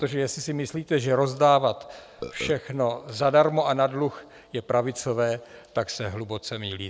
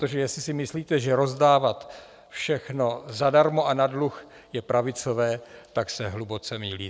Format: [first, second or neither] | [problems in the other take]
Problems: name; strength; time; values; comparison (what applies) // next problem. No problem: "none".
second | background sound (Burping, eructation); 10 dB below the speech